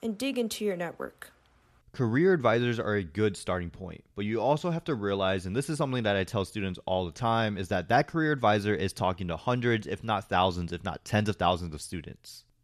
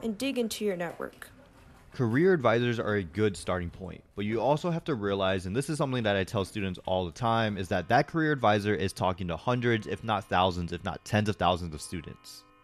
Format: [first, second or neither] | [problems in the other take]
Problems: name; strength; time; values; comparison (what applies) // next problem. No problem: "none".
first | household noises; faint; throughout; 30 dB below the speech